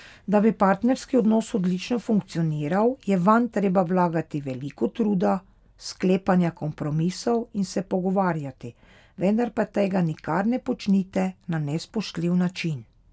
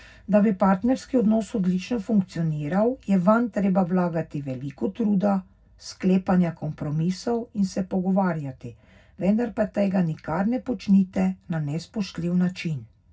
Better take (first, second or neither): first